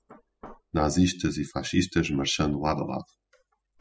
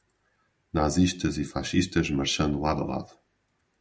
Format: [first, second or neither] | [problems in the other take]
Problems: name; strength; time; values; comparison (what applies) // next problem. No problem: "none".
second | noise reduction (classical method spectral subtraction)